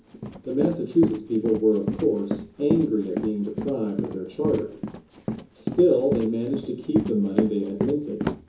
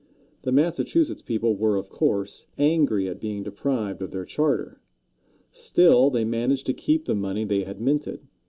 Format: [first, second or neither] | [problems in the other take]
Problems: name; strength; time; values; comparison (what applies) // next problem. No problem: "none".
second | background sound (Run); 6 dB below the speech // room echo; dies away in 0.6 s